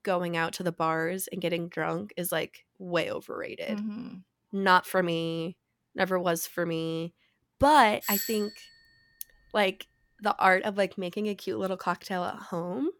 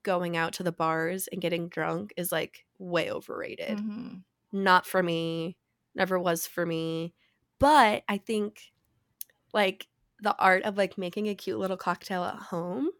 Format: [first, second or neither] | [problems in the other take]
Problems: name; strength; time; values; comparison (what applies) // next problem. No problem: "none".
second | doorbell; noticeable; at 8 s; peak 1 dB below the speech